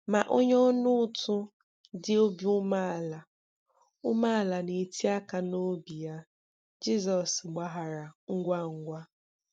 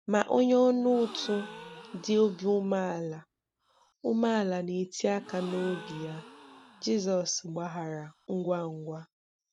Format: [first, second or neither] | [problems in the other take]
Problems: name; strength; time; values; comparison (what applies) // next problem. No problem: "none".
first | background sound (Gasp); 19 dB below the speech